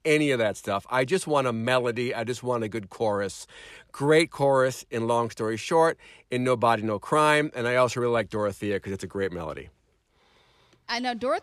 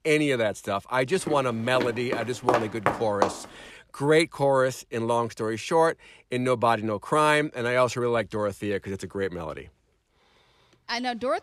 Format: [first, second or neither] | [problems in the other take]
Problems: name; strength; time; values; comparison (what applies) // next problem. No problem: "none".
first | footsteps; noticeable; from 1.5 to 3.5 s; peak 1 dB below the speech